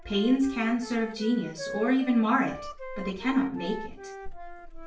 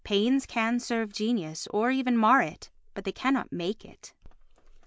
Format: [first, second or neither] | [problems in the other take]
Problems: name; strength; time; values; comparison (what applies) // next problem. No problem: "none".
second | background sound (Wind instrument, woodwind instrument); 13 dB below the speech // room echo; dies away in 0.4 s